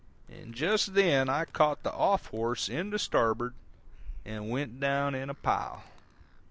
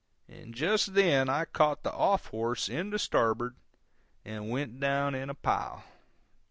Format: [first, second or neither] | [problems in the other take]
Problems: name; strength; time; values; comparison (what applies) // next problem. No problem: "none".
second | background sound (Animal); 18 dB below the speech